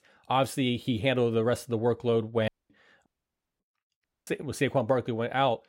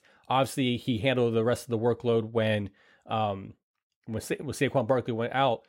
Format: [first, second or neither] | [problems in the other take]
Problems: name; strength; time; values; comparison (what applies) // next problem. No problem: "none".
second | audio cutting out; at 2.5 s, at 3 s for 0.5 s and at 4 s